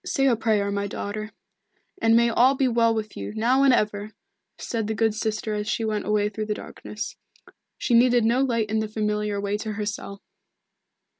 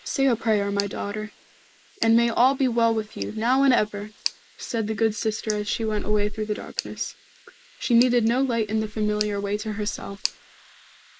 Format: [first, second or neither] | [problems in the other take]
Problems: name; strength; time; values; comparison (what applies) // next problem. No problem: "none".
first | noise reduction (neural mask model Resemble Enhance denoiser)